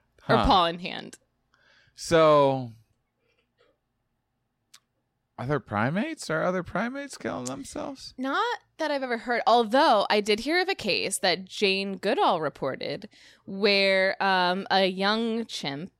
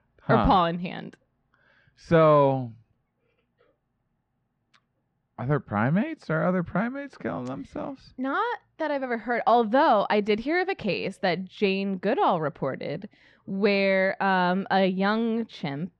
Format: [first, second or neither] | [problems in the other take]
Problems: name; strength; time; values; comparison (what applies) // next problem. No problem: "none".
first | muffled; slightly; fading above 2.5 kHz